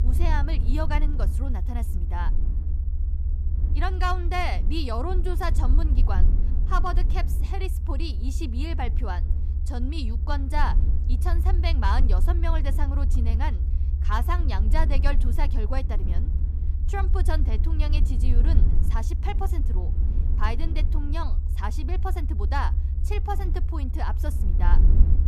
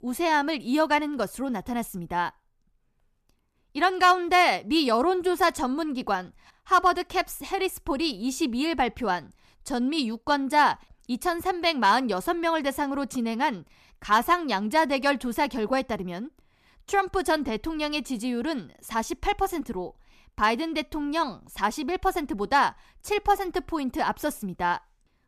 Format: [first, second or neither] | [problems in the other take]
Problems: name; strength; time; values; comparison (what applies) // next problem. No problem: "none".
second | low rumble; noticeable; throughout; 10 dB below the speech